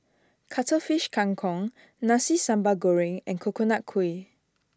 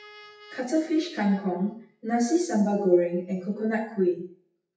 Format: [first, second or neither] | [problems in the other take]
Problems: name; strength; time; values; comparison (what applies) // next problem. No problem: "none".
first | noise reduction (classical method WPE with log-MMSE)